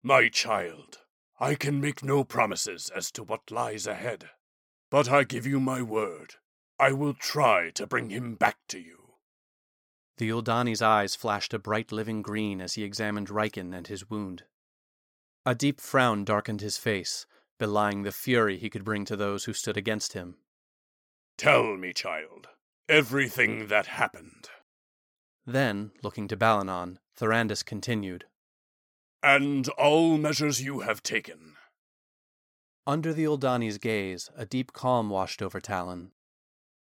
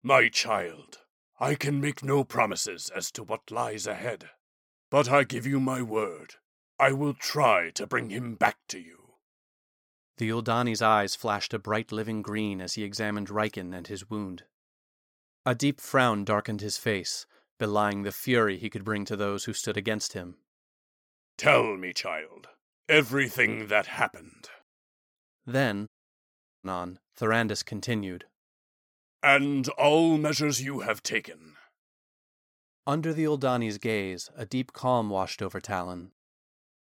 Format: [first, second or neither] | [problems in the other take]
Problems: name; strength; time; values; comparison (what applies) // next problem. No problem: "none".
first | audio cutting out; at 26 s for 1 s